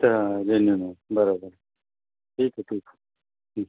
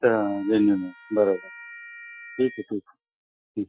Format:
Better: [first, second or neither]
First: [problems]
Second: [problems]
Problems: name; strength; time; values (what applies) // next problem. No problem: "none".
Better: first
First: none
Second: noise reduction (classical method Wiener filter)